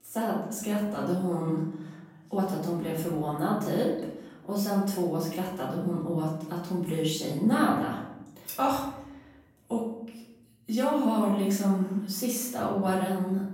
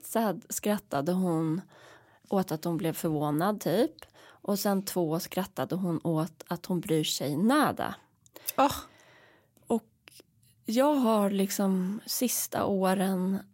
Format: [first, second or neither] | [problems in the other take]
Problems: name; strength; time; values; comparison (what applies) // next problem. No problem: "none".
second | off-mic speech; far // room echo; noticeable; dies away in 0.8 s